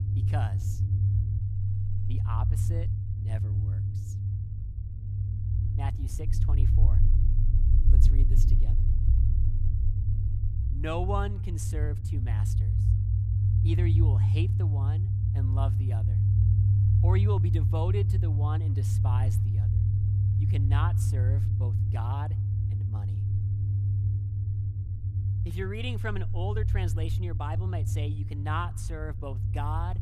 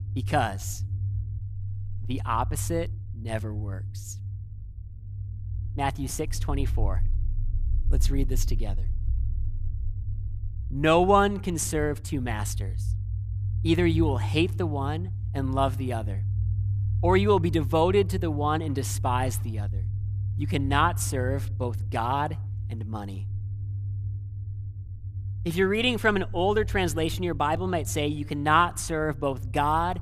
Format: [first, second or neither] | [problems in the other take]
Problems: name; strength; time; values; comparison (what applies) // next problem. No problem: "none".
second | low rumble; loud; throughout; 3 dB below the speech; faint in the second